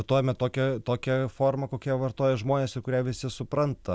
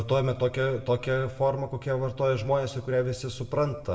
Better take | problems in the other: first | room echo; dies away in 0.8 s

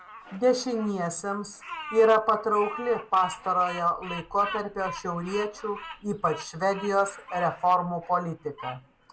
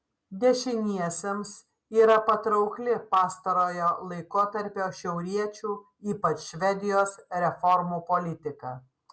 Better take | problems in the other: second | background sound (Bird vocalization, bird call, bird song); 15 dB below the speech

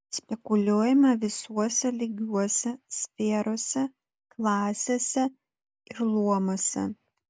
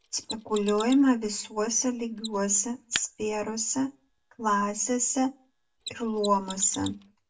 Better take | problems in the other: first | background sound (Mechanisms); 16 dB below the speech // room echo; dies away in 0.2 s

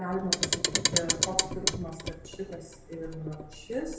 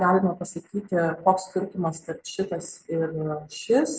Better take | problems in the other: second | background sound (Clock); 5 dB above the speech // room echo; dies away in 0.8 s

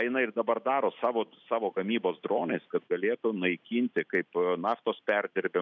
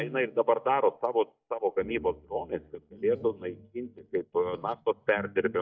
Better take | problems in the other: first | noise reduction (neural mask model DeepFilterNet 3)

